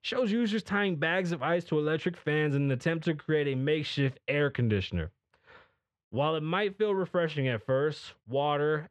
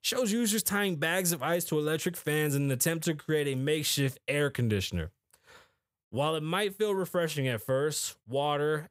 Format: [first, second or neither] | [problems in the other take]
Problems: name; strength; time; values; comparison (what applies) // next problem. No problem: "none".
second | muffled; slightly; fading above 3 kHz